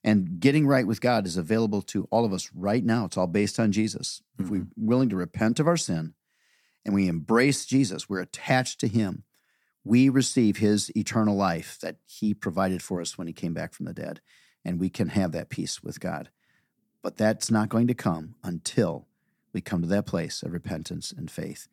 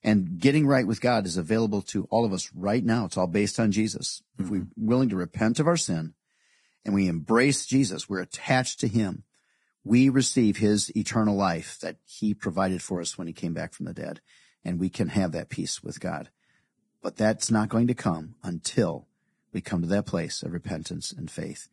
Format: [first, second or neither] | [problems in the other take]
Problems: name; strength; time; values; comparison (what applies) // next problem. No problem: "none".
first | garbled, watery; badly